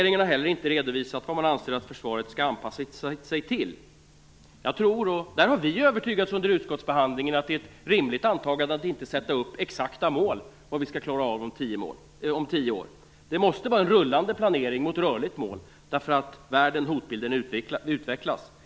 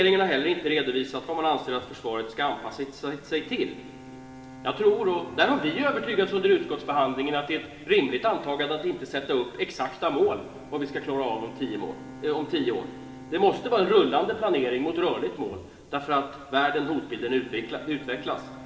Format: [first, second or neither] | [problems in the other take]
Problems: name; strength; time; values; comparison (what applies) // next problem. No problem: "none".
first | background sound (Bowed string instrument); 20 dB below the speech // room echo; dies away in 2.3 s